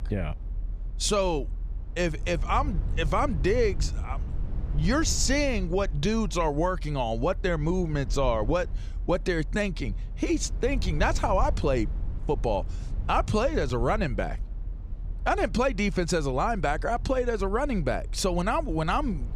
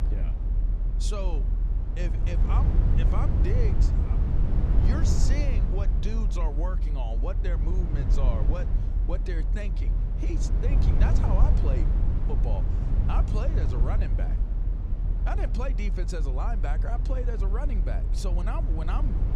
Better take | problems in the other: first | low rumble; loud; throughout; 3 dB below the speech; faint in the first

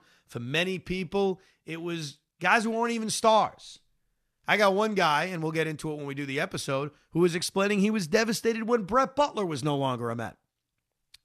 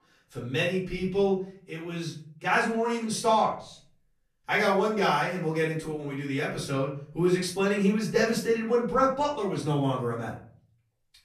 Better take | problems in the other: first | off-mic speech; far // room echo; slight; dies away in 0.4 s

